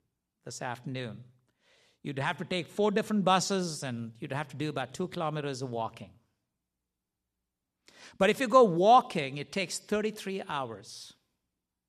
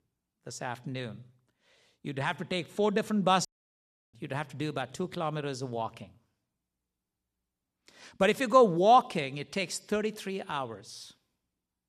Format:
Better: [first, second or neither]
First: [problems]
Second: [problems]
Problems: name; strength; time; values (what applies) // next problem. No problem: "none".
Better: first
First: none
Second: audio cutting out; at 3.5 s for 0.5 s